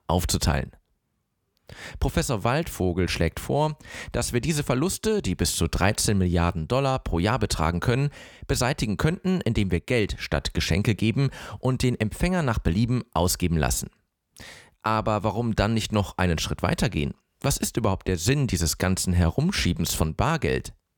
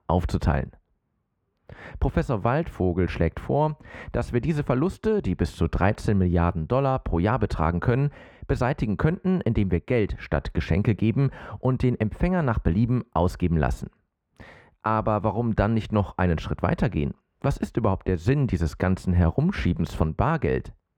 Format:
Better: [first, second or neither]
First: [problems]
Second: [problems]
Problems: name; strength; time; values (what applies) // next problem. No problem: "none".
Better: first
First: none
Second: muffled; very; fading above 3 kHz